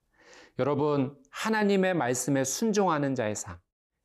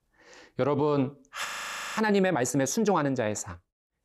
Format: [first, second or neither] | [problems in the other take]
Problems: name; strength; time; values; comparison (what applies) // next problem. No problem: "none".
first | audio freezing; at 1.5 s for 0.5 s